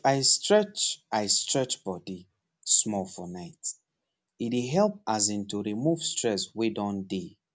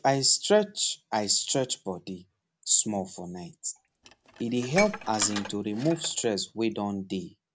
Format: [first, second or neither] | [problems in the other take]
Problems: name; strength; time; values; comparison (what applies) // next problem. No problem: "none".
first | background sound (Dishes, pots, and pans); 10 dB below the speech